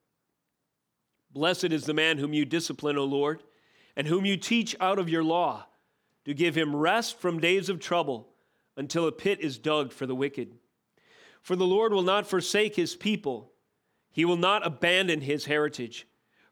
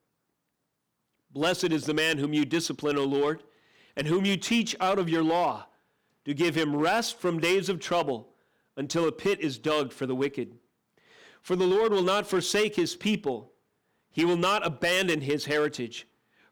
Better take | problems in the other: first | distortion; slight; 5% of the sound clipped

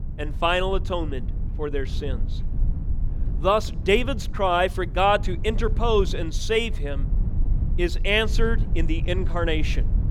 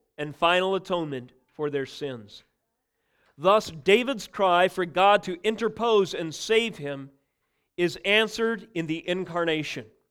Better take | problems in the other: second | low rumble; faint; throughout; 20 dB below the speech

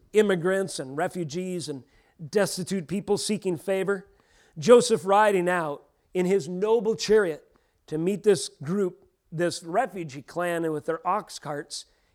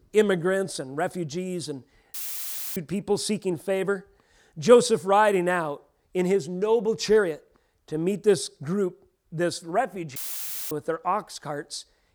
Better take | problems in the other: first | audio cutting out; filled with static; at 2 s for 0.5 s and at 10 s for 0.5 s

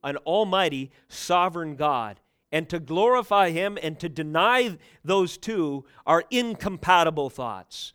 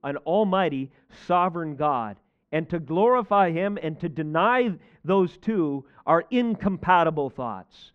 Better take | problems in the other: first | muffled; very; fading above 2 kHz

